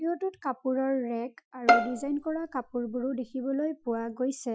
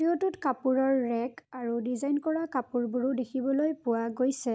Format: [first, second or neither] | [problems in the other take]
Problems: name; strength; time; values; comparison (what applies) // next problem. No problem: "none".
second | noise reduction (classical method Wiener filter)